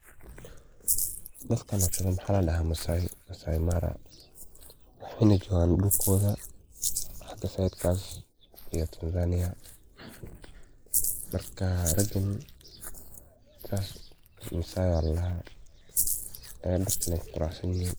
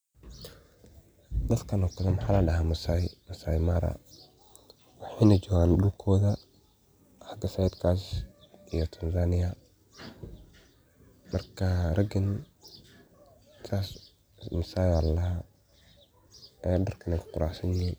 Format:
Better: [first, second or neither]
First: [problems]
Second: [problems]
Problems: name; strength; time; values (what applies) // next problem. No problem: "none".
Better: second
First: noise reduction (neural mask model Resemble Enhance denoiser)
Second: none